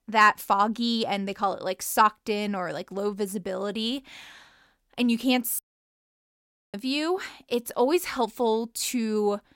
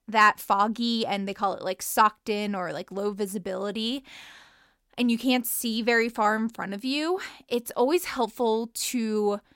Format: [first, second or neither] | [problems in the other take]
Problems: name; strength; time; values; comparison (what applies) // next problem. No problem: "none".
second | audio cutting out; at 5.5 s for 1 s